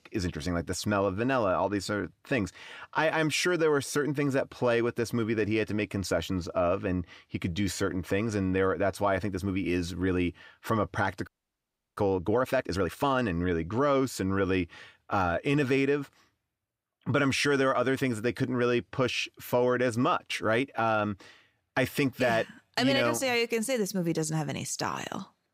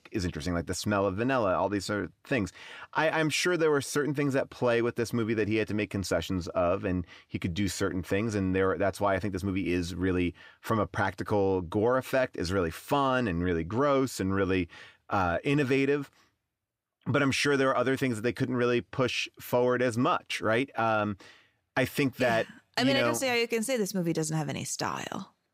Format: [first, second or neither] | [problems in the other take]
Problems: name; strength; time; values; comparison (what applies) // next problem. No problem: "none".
second | audio freezing; at 11 s for 0.5 s